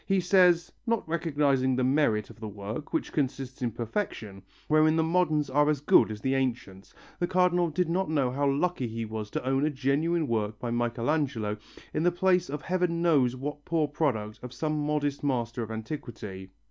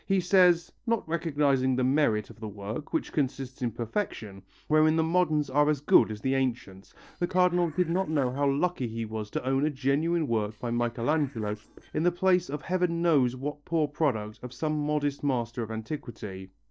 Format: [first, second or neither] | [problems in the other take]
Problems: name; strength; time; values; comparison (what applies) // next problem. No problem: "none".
first | noise reduction (neural separator model SepFormer DNS4)